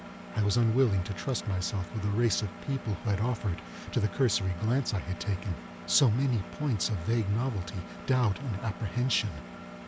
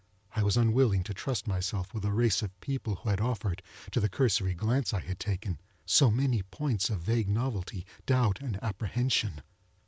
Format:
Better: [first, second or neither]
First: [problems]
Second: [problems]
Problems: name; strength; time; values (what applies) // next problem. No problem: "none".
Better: second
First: background sound (Engine); 14 dB below the speech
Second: none